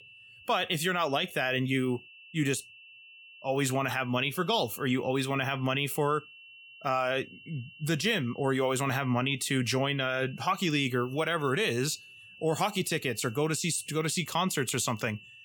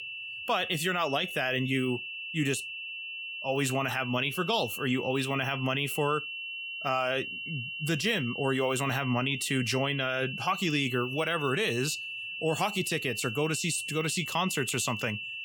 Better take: first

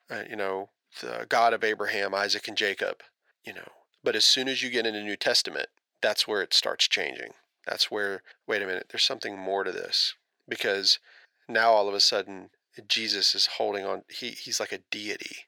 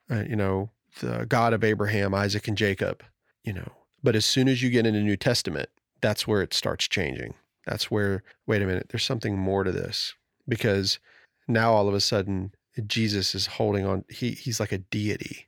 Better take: second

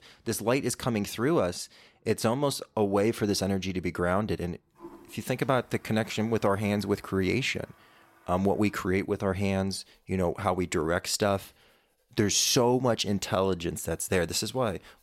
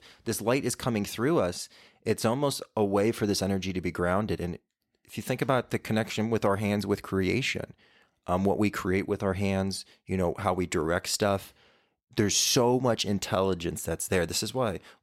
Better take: second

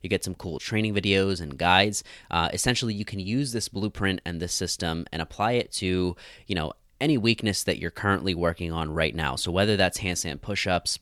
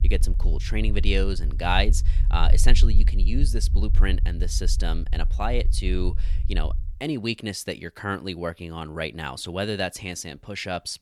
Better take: first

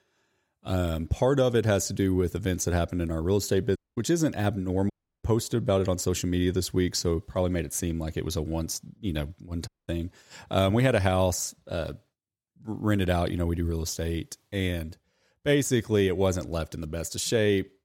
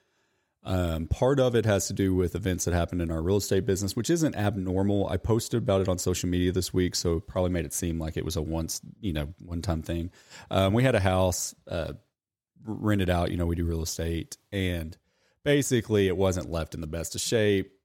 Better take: second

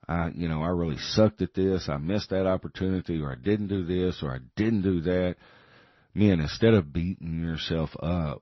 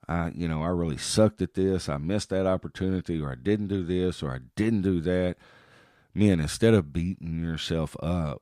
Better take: second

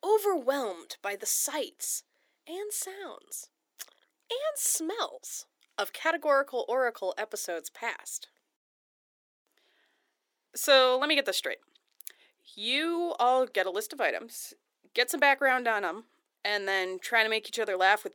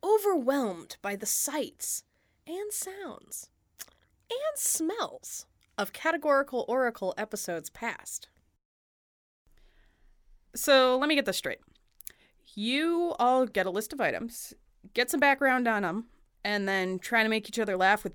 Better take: second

